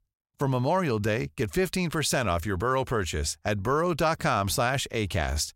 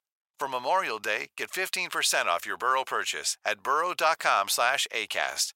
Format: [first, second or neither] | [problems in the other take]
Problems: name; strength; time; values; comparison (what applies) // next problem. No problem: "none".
first | thin; very; fading below 850 Hz